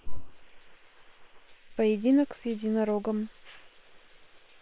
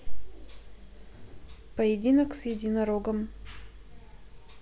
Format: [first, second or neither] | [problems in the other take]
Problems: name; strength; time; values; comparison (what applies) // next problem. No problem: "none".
second | noise reduction (neural separator model SepFormer WHAM!)